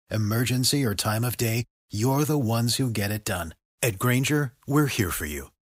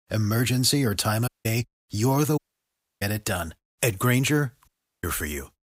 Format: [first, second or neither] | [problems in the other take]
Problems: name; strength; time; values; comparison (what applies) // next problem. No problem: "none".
first | audio cutting out; at 1.5 s, at 2.5 s for 0.5 s and at 4.5 s